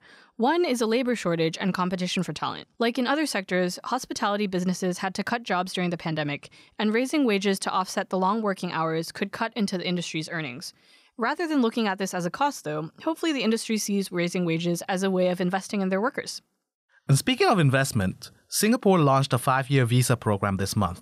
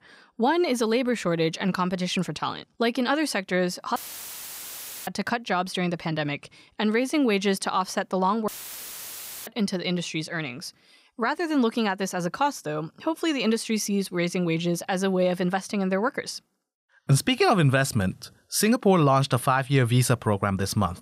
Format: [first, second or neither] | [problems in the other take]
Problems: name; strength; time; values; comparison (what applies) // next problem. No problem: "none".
first | audio cutting out; filled with static; at 4 s for 1 s and at 8.5 s for 1 s